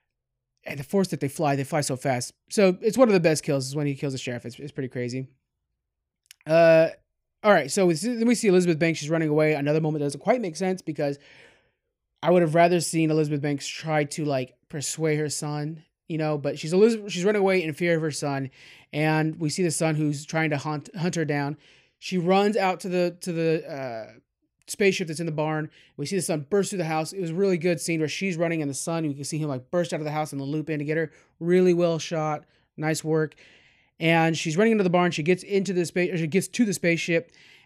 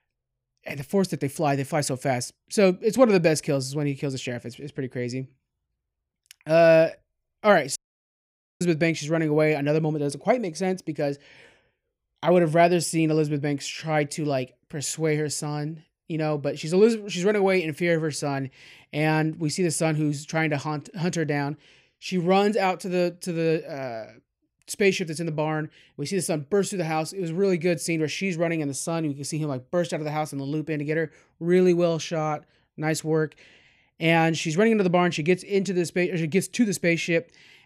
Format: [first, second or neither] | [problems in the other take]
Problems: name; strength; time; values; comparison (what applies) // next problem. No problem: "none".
first | audio cutting out; at 8 s for 1 s